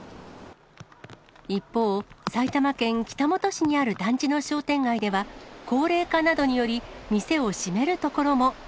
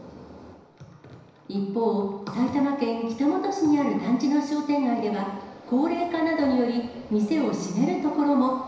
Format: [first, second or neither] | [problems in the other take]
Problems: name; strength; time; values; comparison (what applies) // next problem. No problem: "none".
first | room echo; dies away in 1 s